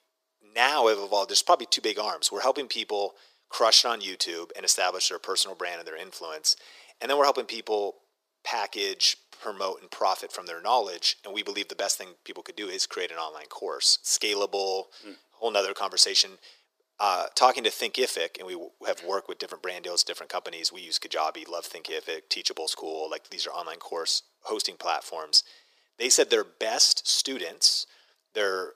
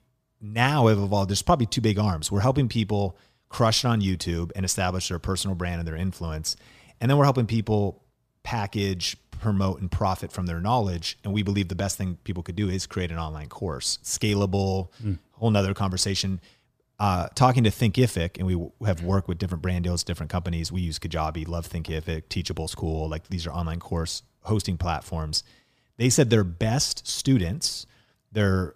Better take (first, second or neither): second